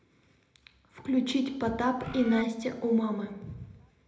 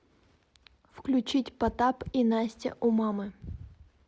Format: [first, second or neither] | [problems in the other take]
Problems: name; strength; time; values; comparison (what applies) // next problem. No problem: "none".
second | background sound (Bird); 11 dB below the speech // room echo; dies away in 0.7 s